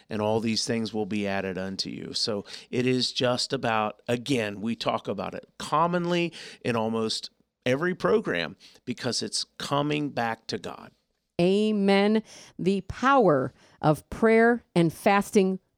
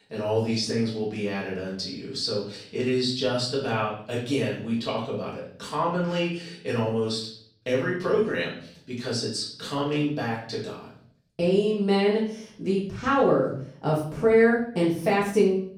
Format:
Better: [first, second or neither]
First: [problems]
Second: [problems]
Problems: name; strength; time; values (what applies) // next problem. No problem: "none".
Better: first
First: none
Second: off-mic speech; far // room echo; noticeable; dies away in 0.6 s